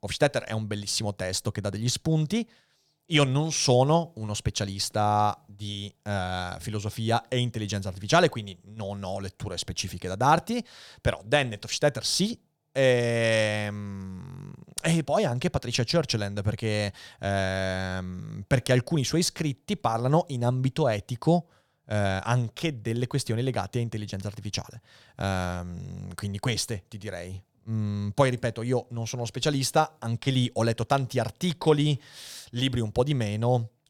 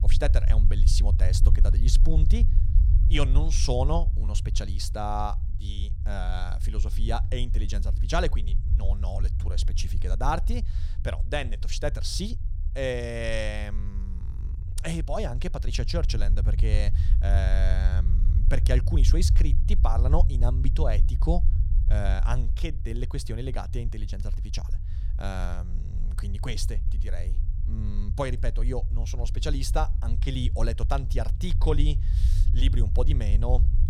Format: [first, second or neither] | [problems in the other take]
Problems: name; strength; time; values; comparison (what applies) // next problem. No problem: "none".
first | low rumble; noticeable; throughout; 10 dB below the speech